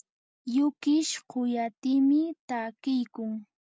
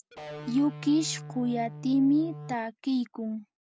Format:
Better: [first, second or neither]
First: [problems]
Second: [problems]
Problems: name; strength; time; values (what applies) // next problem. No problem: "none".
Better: first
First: none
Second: background sound (Electric guitar); 12 dB below the speech